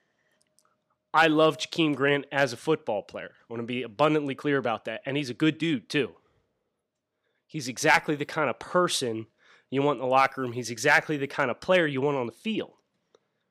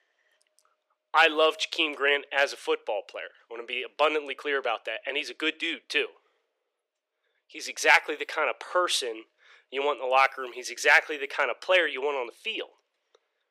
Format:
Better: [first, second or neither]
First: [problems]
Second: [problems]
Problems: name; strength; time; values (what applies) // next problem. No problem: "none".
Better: first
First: none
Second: thin; very; fading below 400 Hz